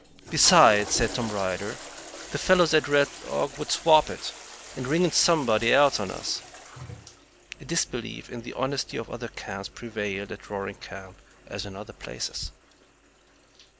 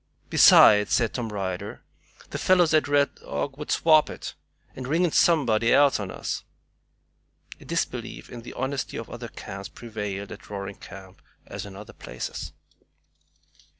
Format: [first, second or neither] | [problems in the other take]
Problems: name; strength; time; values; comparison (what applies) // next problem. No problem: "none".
second | background sound (Toilet flush); 16 dB below the speech